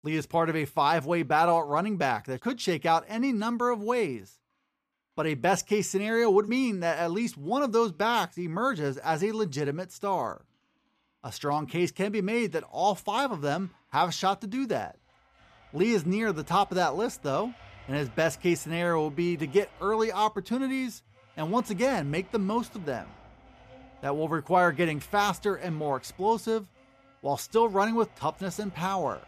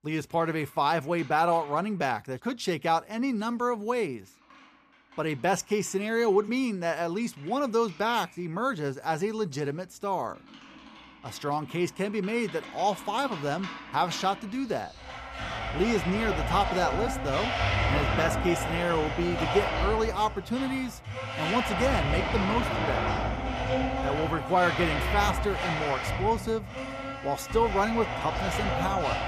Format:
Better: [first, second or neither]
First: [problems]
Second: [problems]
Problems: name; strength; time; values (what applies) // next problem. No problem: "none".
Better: first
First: household noises; faint; throughout; 25 dB below the speech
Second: household noises; loud; throughout; 2 dB below the speech